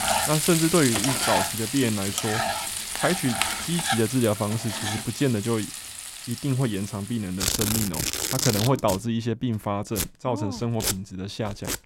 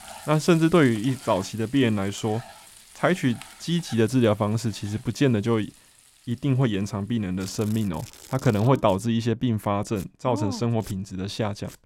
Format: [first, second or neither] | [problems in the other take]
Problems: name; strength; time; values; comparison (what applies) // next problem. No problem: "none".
second | household noises; loud; throughout; as loud as the speech; faint in the second